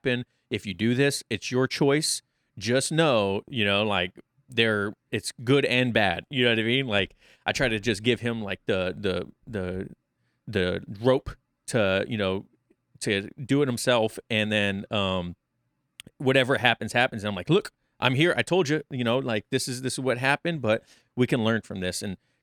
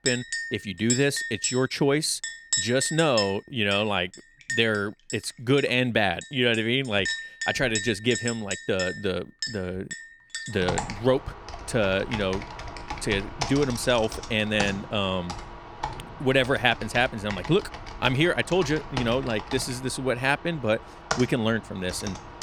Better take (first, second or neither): first